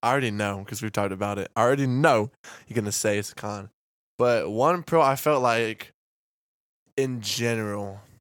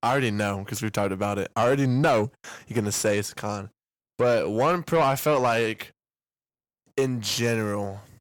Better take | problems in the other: first | distortion; slight; 10 dB below the speech

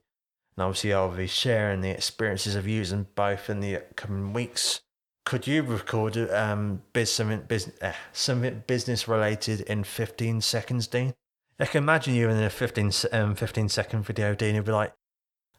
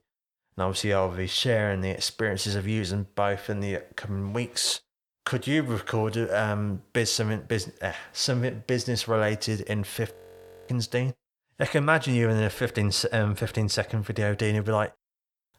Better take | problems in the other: first | audio freezing; at 10 s for 0.5 s

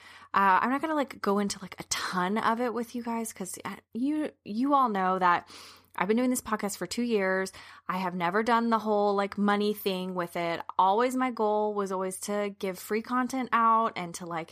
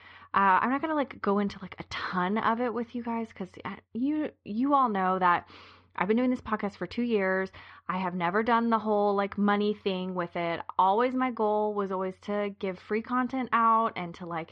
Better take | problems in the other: first | muffled; slightly; fading above 3.5 kHz

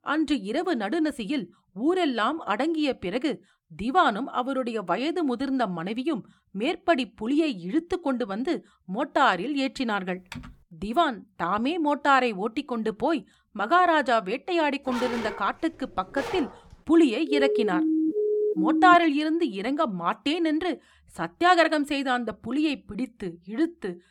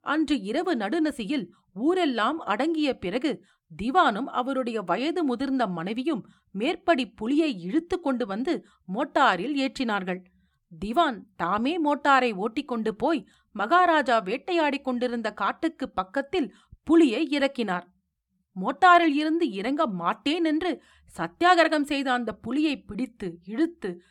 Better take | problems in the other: second | keyboard typing; faint; at 10 s; peak 15 dB below the speech // dog barking; noticeable; from 15 to 17 s; peak 7 dB below the speech // siren; loud; from 17 to 19 s; peak 1 dB above the speech

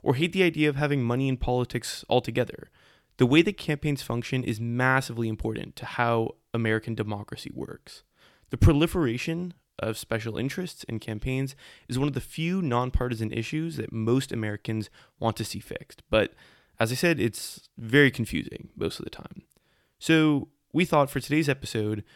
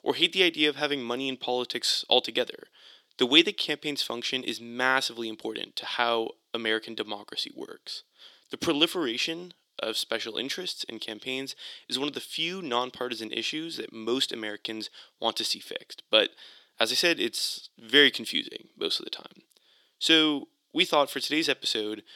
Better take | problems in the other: first | thin; somewhat; fading below 300 Hz

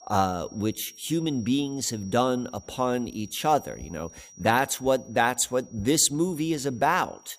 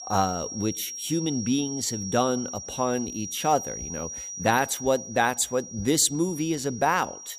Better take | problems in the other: first | high-pitched whine; loud; throughout; 5.5 kHz, 9 dB below the speech; faint in the first

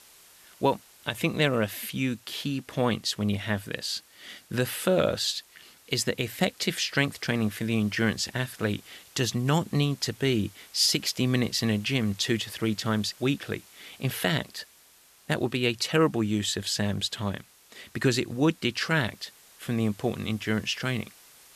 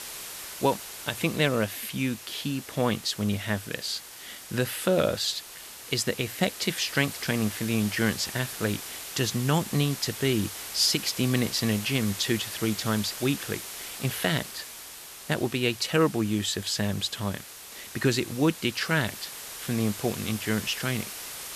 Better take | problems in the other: first | hiss; loud; throughout; 10 dB below the speech; faint in the first

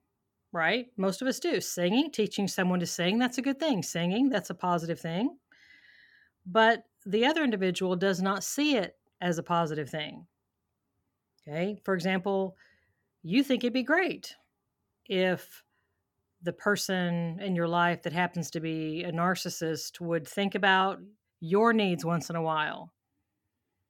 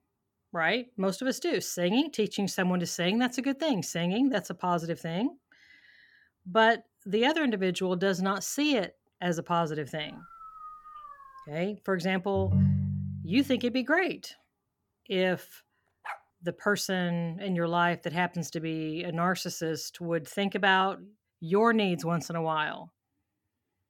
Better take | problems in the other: first | dog barking; faint; from 10 to 11 s and at 16 s; peak 15 dB below the speech // phone ringing; loud; from 12 to 13 s; peak 3 dB above the speech

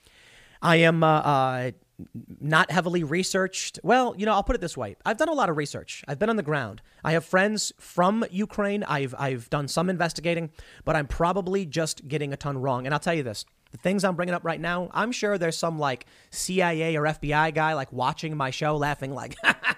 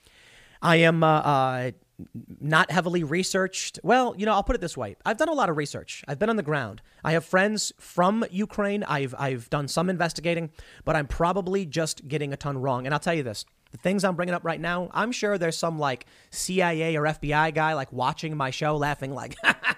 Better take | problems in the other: neither | none

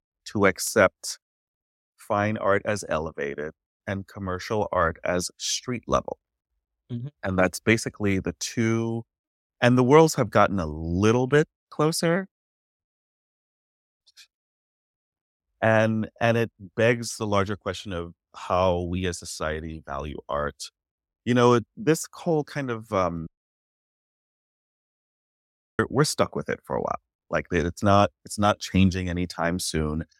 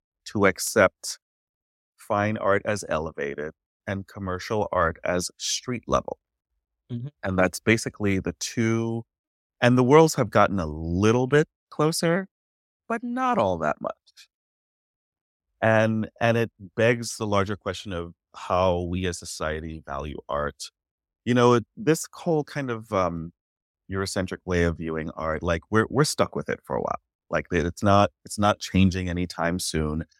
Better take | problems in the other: second | audio cutting out; at 13 s for 1 s and at 23 s for 2.5 s

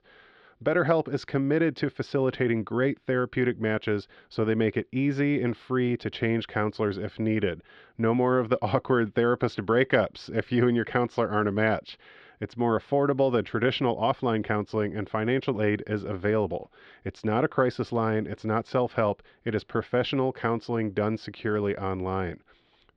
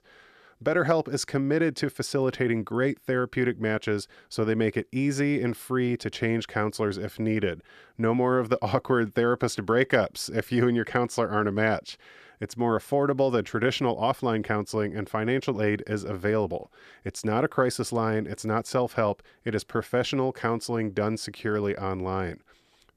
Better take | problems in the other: second | muffled; slightly; fading above 3.5 kHz

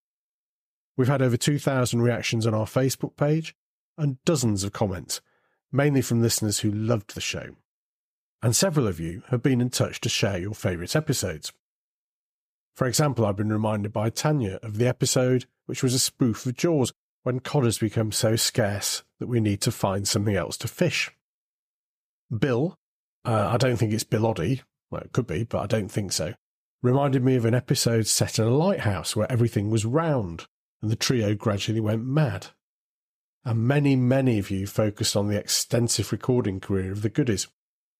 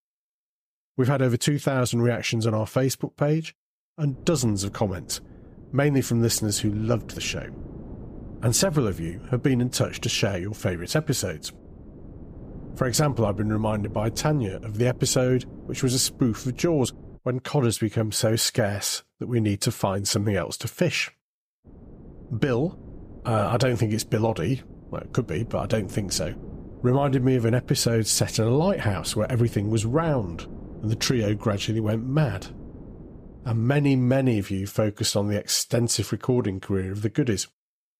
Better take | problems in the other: first | wind noise on the microphone; occasional gusts; from 4 to 17 s and from 22 to 34 s; 20 dB below the speech

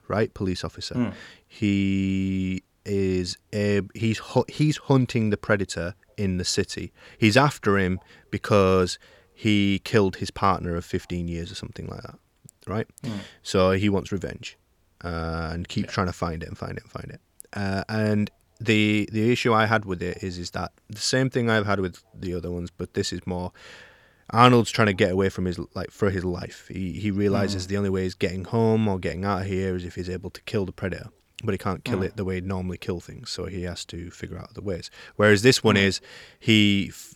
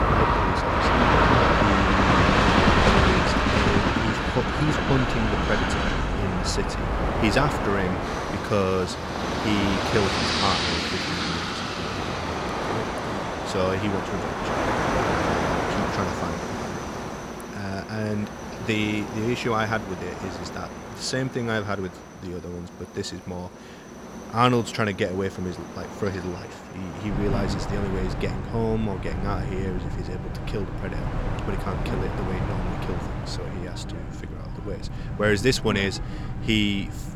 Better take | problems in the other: first | train or aircraft noise; very loud; throughout; 3 dB above the speech

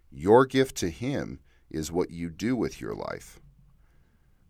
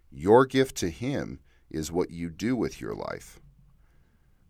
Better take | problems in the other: neither | none

